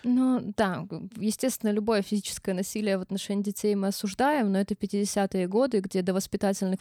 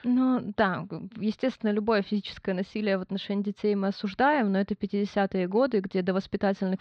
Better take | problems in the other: first | muffled; slightly; fading above 4 kHz

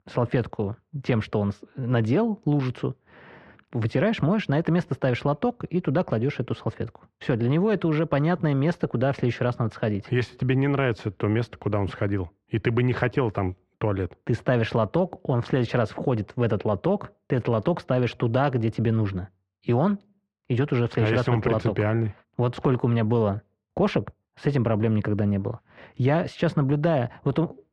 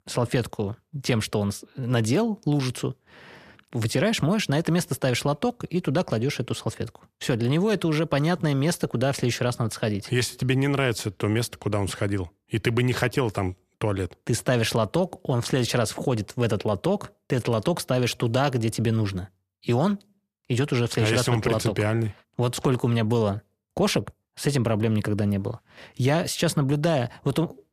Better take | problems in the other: second | muffled; very; fading above 2 kHz

